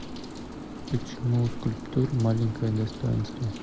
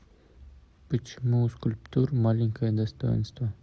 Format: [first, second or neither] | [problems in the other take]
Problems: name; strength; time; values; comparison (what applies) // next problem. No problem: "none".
second | background sound (Rain); 9 dB below the speech